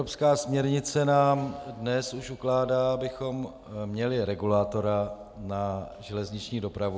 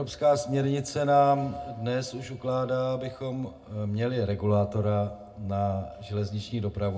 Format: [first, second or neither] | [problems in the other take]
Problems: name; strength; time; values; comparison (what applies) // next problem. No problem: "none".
first | room echo; dies away in 0.2 s